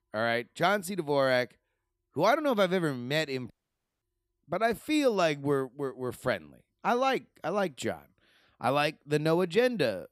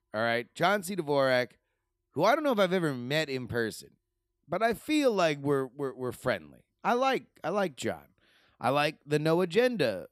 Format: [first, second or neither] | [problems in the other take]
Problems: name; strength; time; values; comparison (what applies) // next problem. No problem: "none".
second | audio cutting out; at 3.5 s for 0.5 s